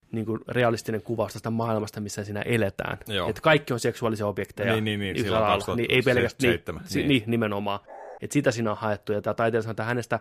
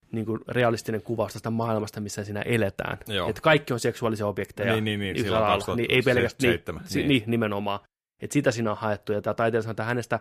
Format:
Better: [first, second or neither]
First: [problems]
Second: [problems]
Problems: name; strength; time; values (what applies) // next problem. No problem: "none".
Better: second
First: dog barking; faint; at 8 s; peak 15 dB below the speech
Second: none